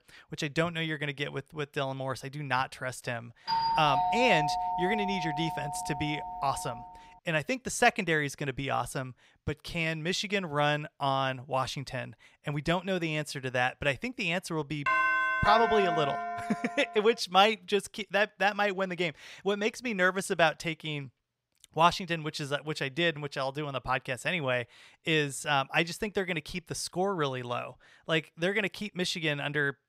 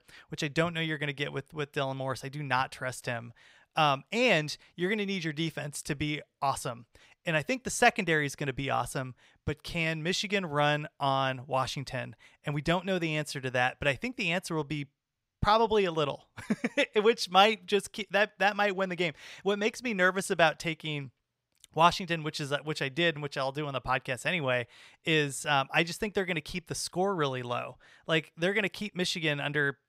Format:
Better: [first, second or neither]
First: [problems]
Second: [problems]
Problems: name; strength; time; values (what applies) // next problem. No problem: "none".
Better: second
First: doorbell; loud; from 3.5 to 7 s and from 15 to 17 s; peak 5 dB above the speech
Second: none